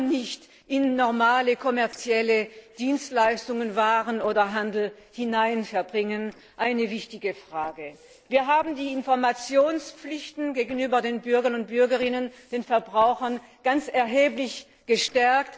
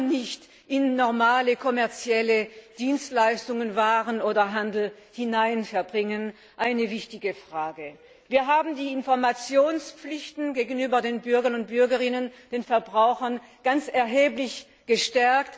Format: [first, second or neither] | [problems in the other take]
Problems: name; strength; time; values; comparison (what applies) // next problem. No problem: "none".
second | noise reduction (neural separator model SepFormer DNS4)